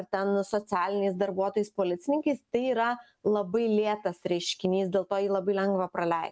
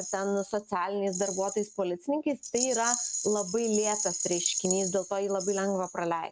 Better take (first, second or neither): first